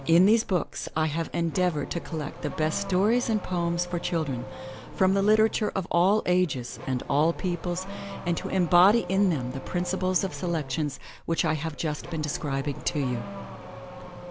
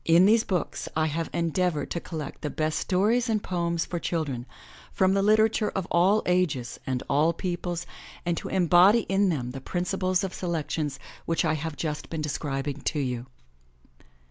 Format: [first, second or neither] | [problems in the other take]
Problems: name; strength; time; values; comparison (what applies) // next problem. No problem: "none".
second | background sound (Accelerating, revving, vroom / Car); 14 dB below the speech